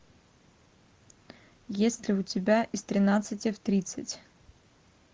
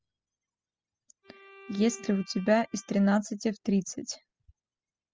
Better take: first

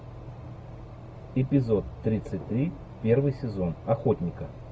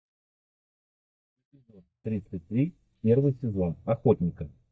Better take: first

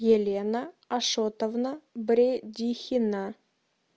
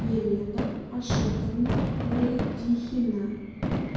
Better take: first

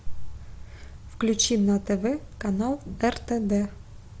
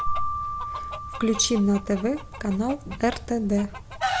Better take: first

